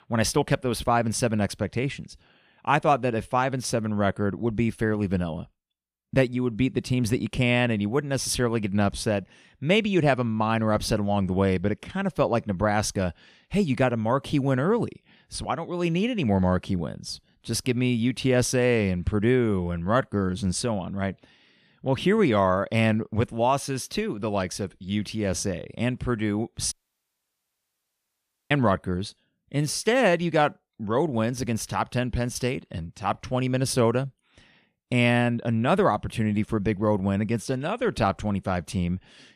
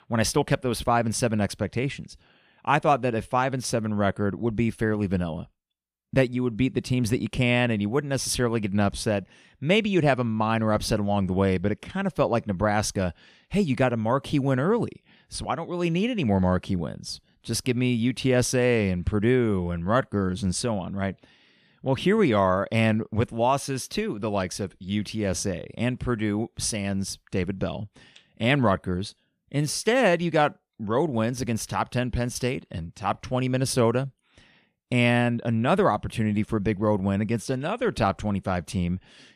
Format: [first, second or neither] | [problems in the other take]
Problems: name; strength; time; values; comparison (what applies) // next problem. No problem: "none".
second | audio cutting out; at 27 s for 2 s